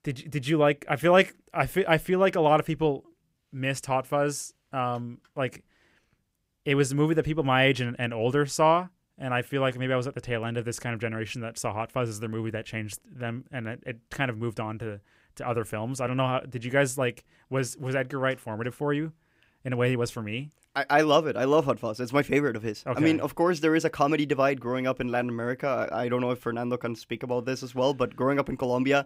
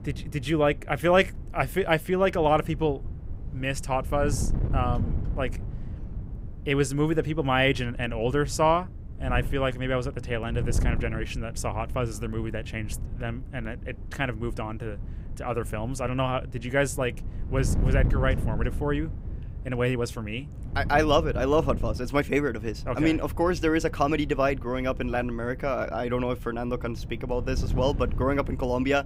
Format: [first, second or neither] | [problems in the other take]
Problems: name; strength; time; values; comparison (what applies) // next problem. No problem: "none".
first | wind noise on the microphone; occasional gusts; 20 dB below the speech